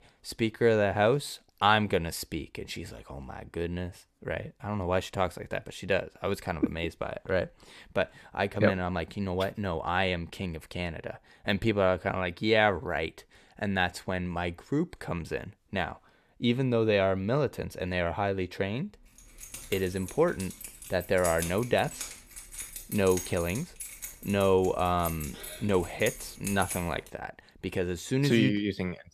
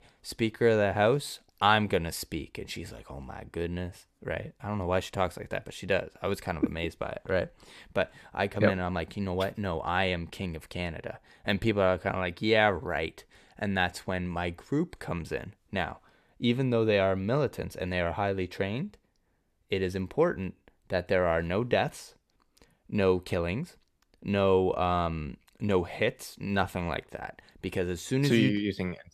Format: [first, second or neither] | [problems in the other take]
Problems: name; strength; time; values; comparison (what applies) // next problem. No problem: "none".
second | jangling keys; noticeable; from 19 to 27 s; peak 5 dB below the speech